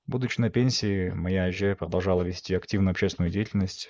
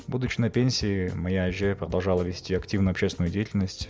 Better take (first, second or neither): second